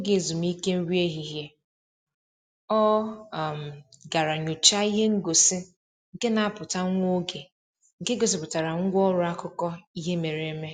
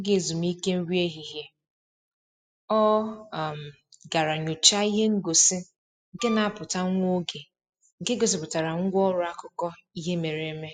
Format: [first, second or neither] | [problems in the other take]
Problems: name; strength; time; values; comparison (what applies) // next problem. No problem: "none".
first | noise reduction (classical method spectral subtraction)